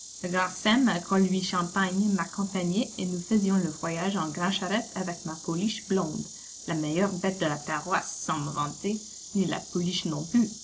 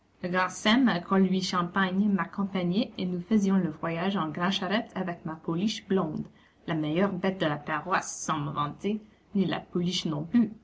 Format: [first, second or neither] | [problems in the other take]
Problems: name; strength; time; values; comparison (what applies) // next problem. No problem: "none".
second | background sound (Insect); 15 dB below the speech